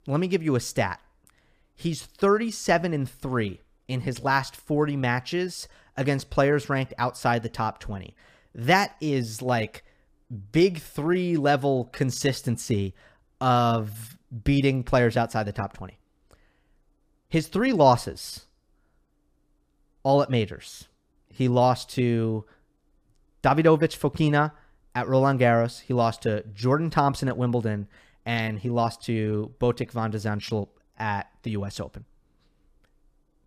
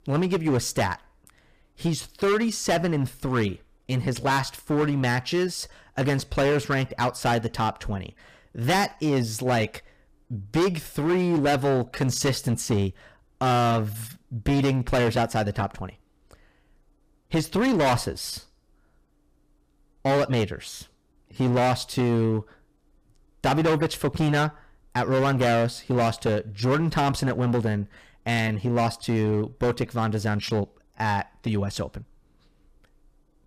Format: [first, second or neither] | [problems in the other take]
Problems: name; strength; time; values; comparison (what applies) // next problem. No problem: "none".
first | distortion; heavy; 11% of the sound clipped